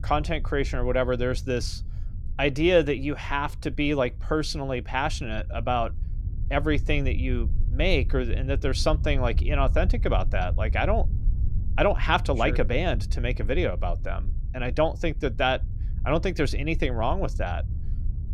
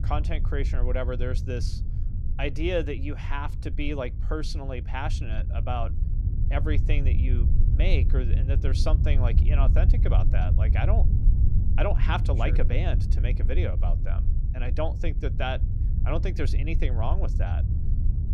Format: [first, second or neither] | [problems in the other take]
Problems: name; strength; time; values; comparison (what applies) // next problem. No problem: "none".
first | low rumble; loud; throughout; 9 dB below the speech; faint in the first